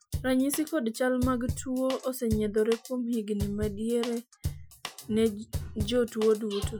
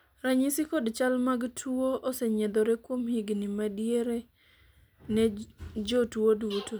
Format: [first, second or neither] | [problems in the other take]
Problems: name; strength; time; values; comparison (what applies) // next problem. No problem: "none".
second | noise reduction (classical method Wiener filter)